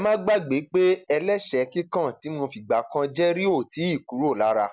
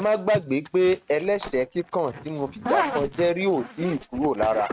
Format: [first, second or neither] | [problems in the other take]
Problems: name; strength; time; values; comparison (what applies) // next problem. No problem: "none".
first | noise reduction (neural mask model RNNoise)